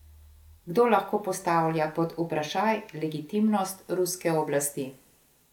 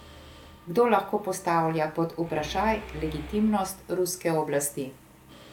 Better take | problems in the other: first | background sound (Mechanisms); 18 dB below the speech

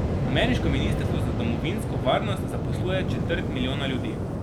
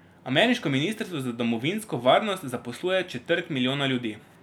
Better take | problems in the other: second | background sound (Waves, surf); 4 dB above the speech

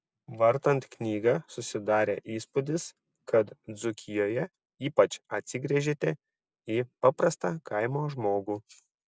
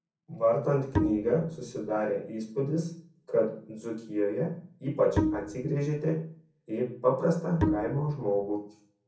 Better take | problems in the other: first | background sound (Bowed string instrument); 2 dB below the speech // room echo; dies away in 0.6 s

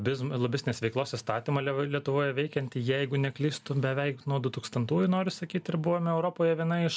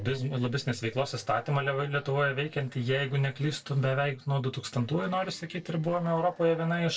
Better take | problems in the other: first | noise reduction (neural separator model SepFormer DNS4)

